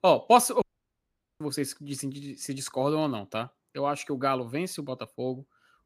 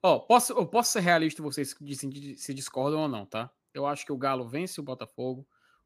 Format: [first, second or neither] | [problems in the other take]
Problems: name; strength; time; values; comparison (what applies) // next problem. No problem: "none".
second | audio cutting out; at 0.5 s for 1 s